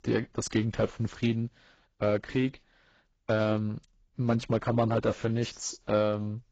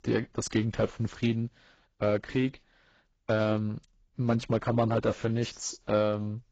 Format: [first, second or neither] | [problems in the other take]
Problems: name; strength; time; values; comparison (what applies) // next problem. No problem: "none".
neither | garbled, watery; badly; nothing above 7.5 kHz; the same in both